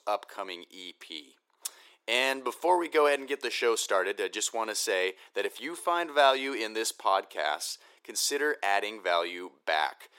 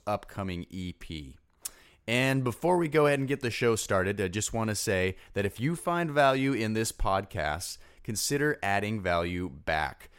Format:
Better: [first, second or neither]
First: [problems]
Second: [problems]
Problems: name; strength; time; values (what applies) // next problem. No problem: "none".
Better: second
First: thin; very; fading below 350 Hz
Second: none